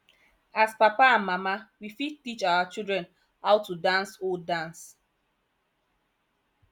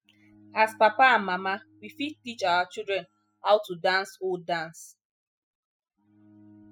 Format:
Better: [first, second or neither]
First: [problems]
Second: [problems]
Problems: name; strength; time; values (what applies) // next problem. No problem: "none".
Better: first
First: none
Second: noise reduction (classical method spectral subtraction)